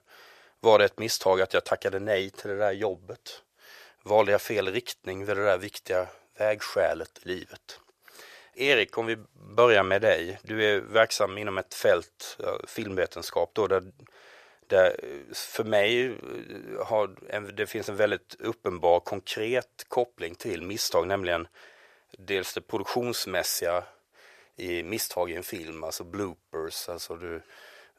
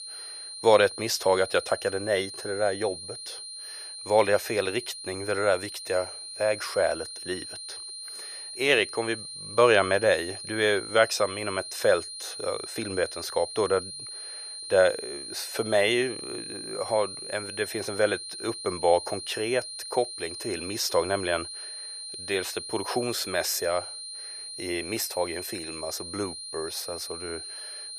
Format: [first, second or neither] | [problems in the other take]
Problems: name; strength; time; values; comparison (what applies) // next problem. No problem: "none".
first | high-pitched whine; loud; throughout; 4 kHz, 9 dB below the speech